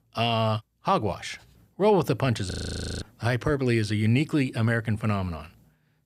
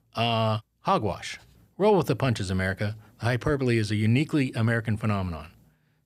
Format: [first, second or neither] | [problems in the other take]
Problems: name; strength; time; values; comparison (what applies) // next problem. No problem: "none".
second | audio freezing; at 2.5 s for 0.5 s